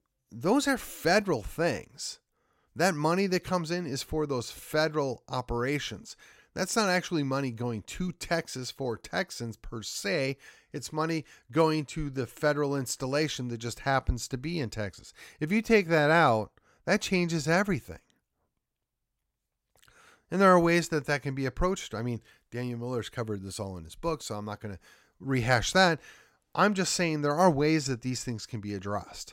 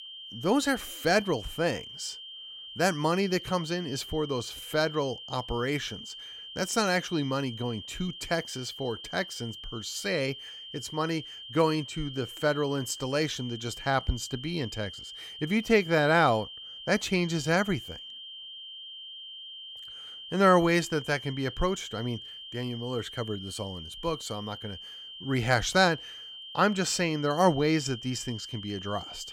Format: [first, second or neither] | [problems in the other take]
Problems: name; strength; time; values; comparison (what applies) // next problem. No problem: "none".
first | high-pitched whine; noticeable; throughout; 3 kHz, 10 dB below the speech